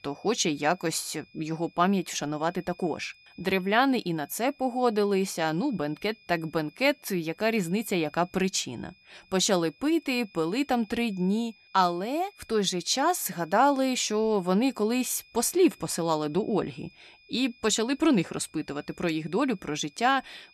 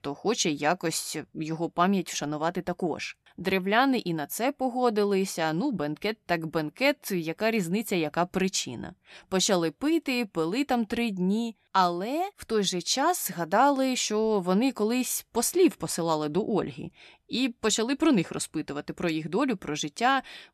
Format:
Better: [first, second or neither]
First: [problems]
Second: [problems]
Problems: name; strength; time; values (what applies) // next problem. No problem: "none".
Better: second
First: high-pitched whine; faint; throughout; 2.5 kHz, 30 dB below the speech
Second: none